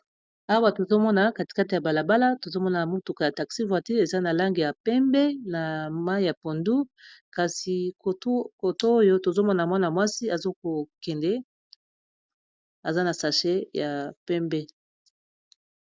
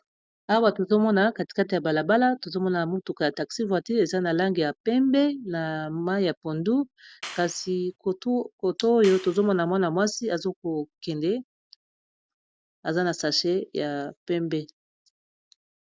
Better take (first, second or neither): first